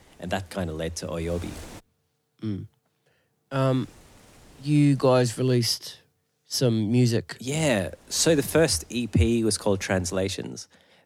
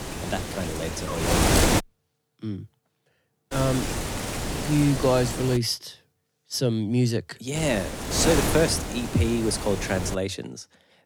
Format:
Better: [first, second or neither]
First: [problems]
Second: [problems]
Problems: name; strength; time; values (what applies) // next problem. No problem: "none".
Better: first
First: wind noise on the microphone; occasional gusts; until 2 s, from 3.5 to 5.5 s and from 7.5 to 10 s; 25 dB below the speech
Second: wind noise on the microphone; heavy; until 2 s, from 3.5 to 5.5 s and from 7.5 to 10 s; 1 dB below the speech